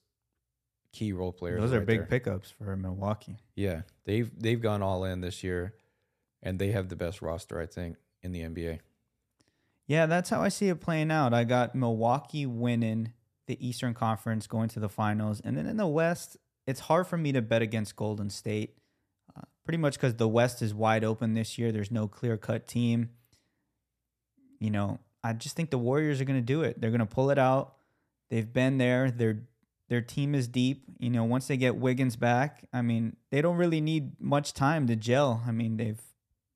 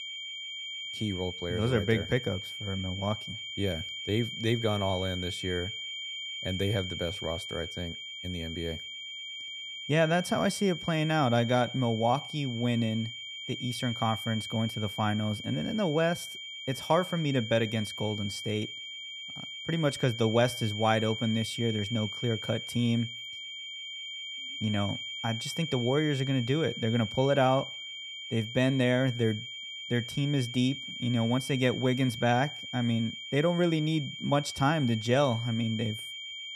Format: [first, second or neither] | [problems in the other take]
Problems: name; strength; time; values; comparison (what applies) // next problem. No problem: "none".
first | high-pitched whine; loud; throughout; 3 kHz, 7 dB below the speech